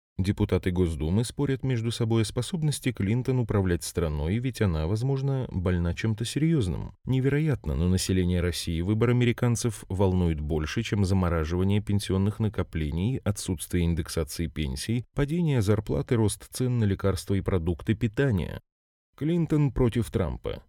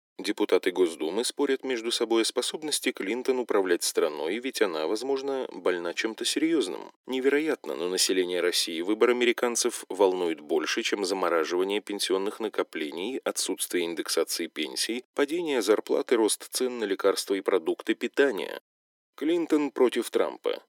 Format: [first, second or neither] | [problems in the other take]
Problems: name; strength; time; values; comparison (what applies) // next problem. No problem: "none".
first | thin; very; fading below 300 Hz